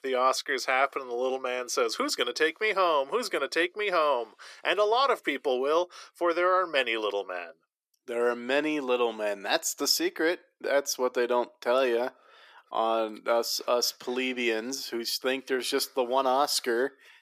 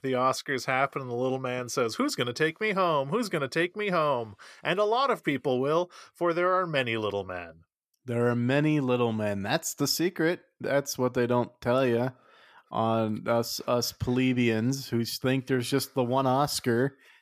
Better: second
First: thin; somewhat; fading below 350 Hz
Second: none

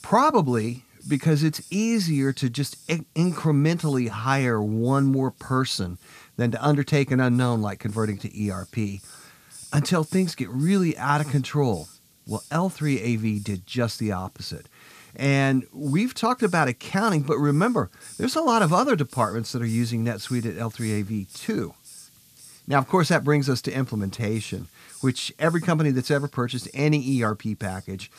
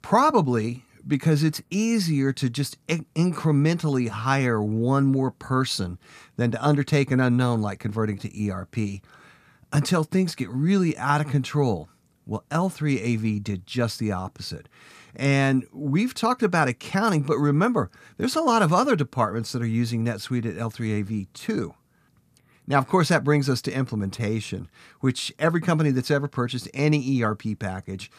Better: second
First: hiss; faint; throughout; 20 dB below the speech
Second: none

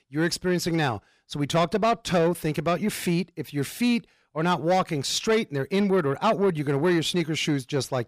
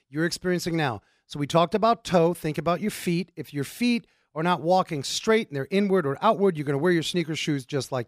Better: second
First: distortion; slight; 10 dB below the speech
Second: none

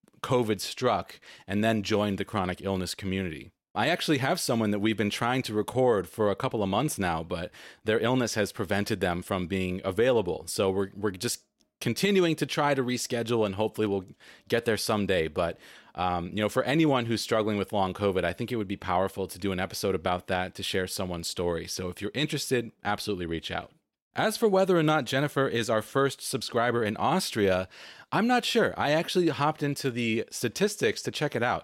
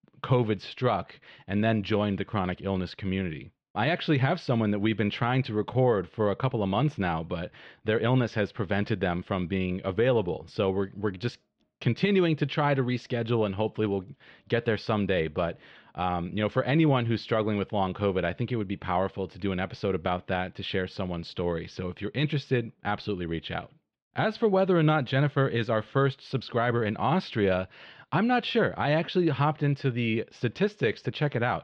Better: first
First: none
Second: muffled; slightly; fading above 3.5 kHz

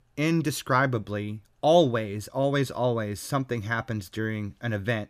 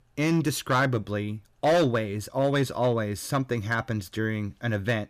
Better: first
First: none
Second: distortion; slight; 4% of the sound clipped

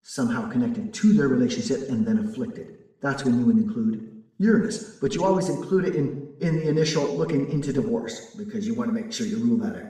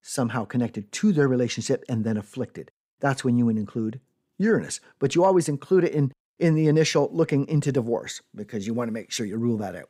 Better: second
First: room echo; noticeable; dies away in 0.7 s // off-mic speech; far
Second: none

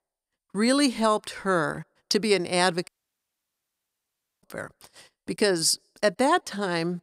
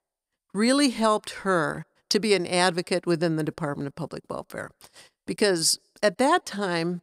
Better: second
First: audio cutting out; at 3 s for 1.5 s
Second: none

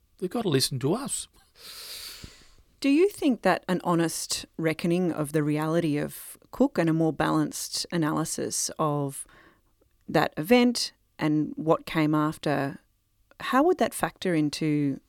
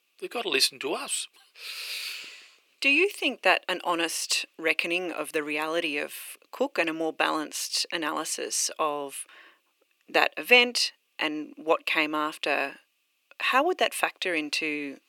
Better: first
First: none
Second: thin; somewhat; fading below 400 Hz

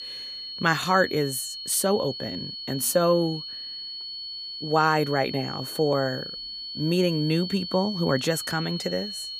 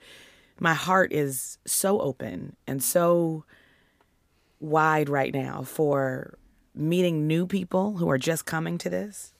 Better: second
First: high-pitched whine; loud; throughout; 4.5 kHz, 8 dB below the speech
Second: none

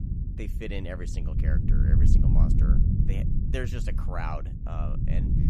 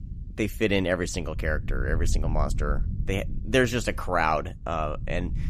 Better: second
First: low rumble; loud; throughout; 1 dB below the speech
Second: low rumble; faint; throughout; 20 dB below the speech

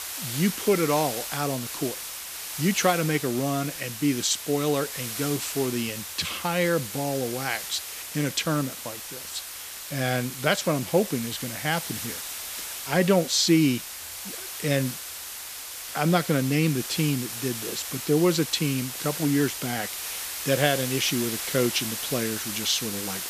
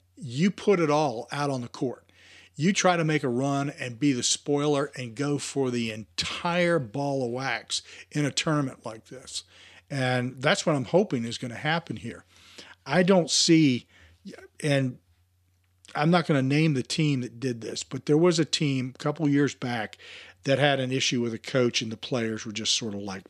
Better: second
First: hiss; loud; throughout; 6 dB below the speech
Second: none

